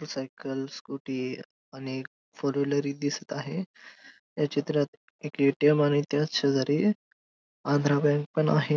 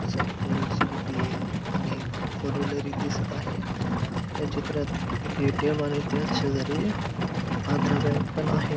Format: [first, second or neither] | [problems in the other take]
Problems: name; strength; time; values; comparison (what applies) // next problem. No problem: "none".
first | background sound (Livestock, farm animals, working animals); 4 dB above the speech